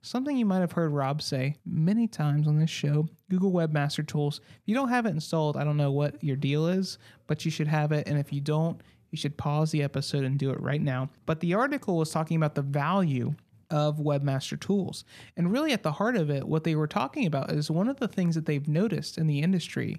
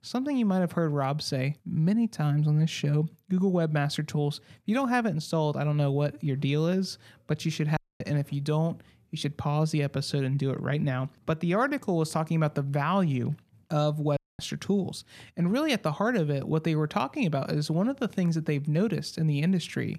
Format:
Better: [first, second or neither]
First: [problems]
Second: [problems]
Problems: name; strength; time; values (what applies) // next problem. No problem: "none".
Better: first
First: none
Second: audio cutting out; at 8 s and at 14 s